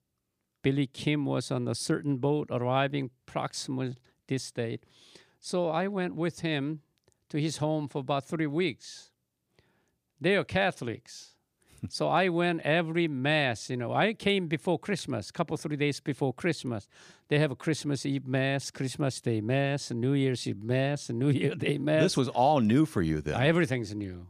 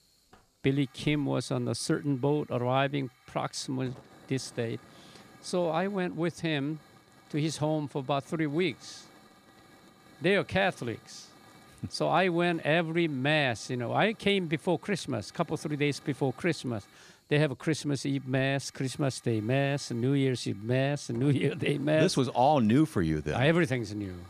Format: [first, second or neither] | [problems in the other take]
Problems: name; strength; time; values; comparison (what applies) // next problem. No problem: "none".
first | hiss; faint; throughout; 25 dB below the speech